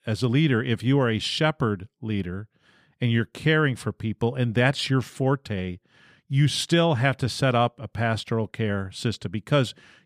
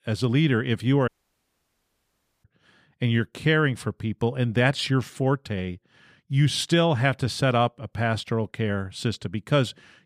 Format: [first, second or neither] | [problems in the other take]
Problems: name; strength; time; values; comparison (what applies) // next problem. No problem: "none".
first | audio cutting out; at 1 s for 1.5 s